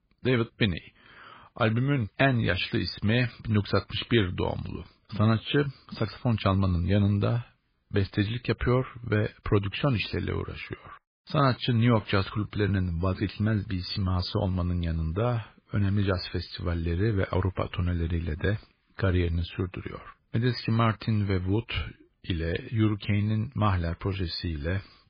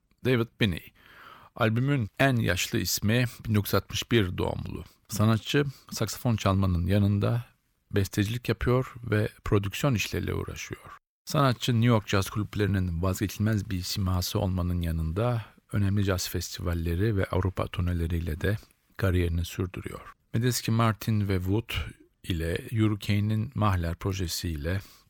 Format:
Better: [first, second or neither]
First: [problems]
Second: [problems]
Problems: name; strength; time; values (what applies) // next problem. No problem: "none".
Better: second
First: garbled, watery; badly; nothing above 4.5 kHz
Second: none